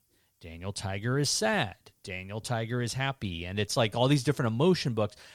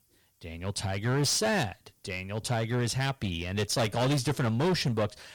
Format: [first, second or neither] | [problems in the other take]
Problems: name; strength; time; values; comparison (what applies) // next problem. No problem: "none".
first | distortion; heavy; 12% of the sound clipped